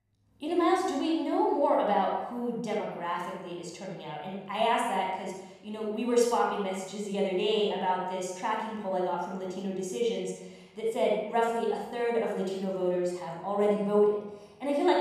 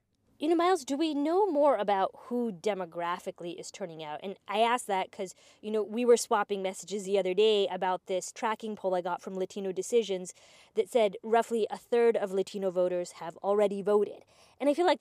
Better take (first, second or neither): second